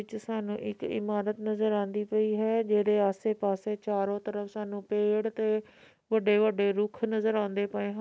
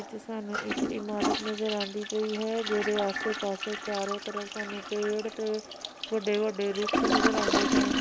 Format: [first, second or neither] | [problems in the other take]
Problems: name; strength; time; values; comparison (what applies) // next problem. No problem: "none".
first | background sound (Toilet flush); as loud as the speech